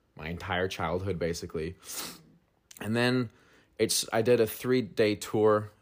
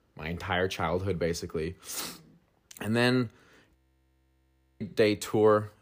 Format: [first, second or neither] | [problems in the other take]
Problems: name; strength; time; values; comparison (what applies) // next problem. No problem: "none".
first | audio freezing; at 4 s for 1 s